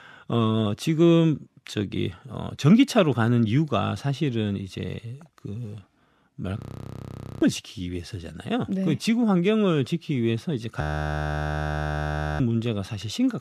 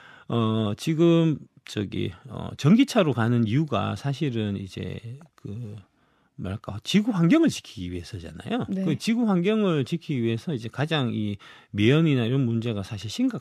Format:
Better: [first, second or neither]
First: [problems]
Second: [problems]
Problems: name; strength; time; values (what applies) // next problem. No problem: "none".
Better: second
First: audio freezing; at 6.5 s for 1 s and at 11 s for 1.5 s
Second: none